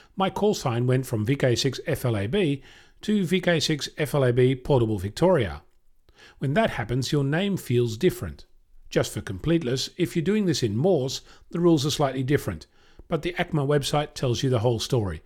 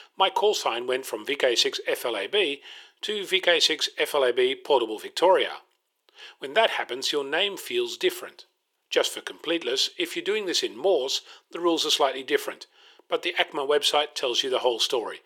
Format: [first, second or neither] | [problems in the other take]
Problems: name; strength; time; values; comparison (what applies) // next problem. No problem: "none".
first | thin; very; fading below 400 Hz